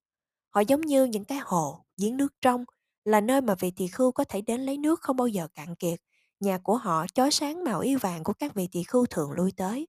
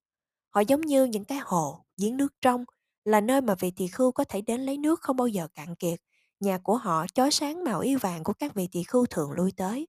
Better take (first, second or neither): neither